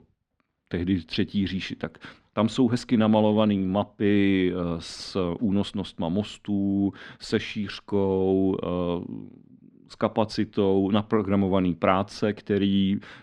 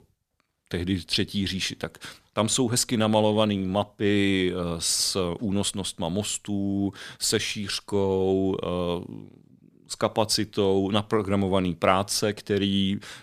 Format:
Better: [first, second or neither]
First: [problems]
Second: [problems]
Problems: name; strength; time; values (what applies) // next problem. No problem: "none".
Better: second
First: muffled; slightly; fading above 2.5 kHz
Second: none